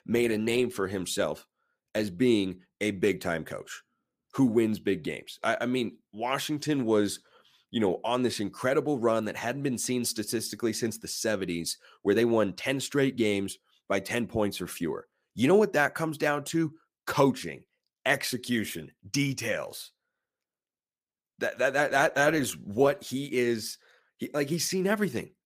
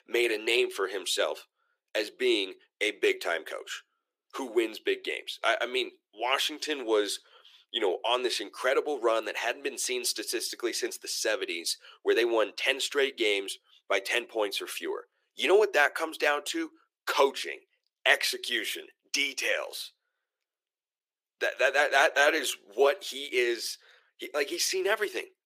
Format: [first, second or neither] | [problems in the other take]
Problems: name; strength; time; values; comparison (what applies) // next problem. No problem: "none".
first | thin; very; fading below 350 Hz